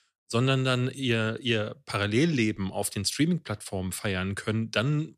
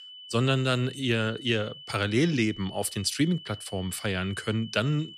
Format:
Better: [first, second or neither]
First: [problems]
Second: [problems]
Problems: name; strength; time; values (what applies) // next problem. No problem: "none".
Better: first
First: none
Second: high-pitched whine; noticeable; throughout; 3 kHz, 15 dB below the speech